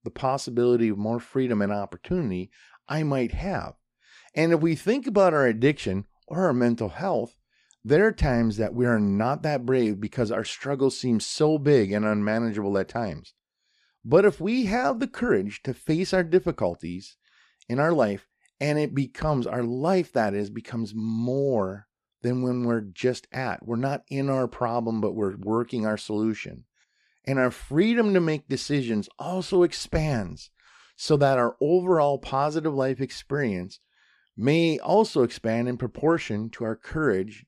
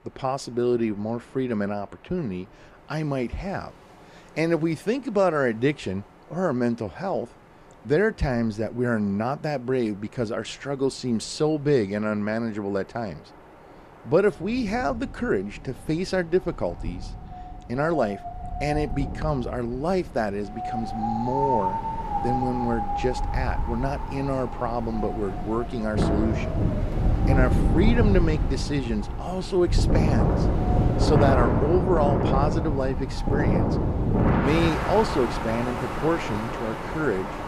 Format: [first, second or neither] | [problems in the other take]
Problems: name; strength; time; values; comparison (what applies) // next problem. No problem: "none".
first | wind in the background; very loud; throughout; as loud as the speech